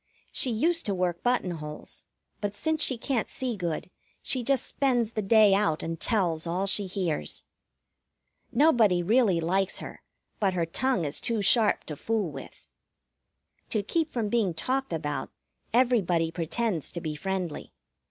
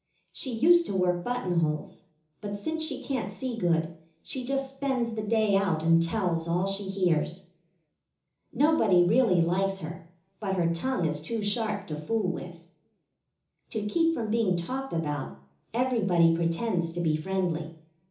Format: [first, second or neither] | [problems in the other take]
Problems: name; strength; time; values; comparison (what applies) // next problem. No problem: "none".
first | room echo; dies away in 0.7 s